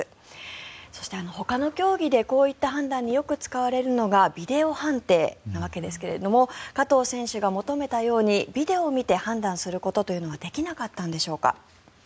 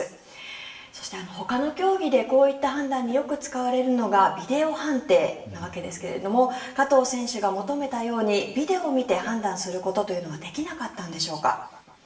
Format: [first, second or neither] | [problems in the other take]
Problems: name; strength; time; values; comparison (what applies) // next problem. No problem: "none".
first | room echo; dies away in 0.8 s